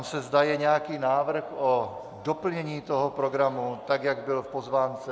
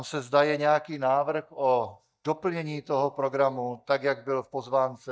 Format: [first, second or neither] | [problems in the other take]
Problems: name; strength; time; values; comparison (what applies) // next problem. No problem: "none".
first | noise reduction (neural mask model DeepFilterNet 3)